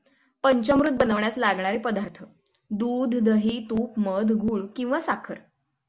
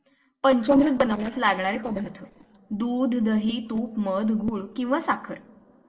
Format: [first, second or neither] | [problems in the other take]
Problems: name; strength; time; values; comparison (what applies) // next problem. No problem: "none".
first | noise reduction (neural separator model SepFormer DNS4)